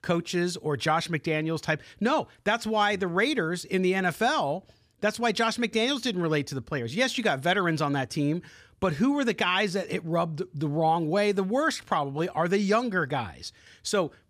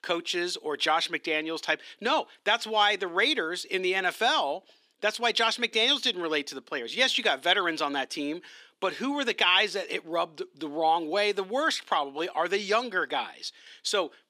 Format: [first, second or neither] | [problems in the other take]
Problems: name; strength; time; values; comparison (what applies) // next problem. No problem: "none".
first | thin; somewhat; fading below 300 Hz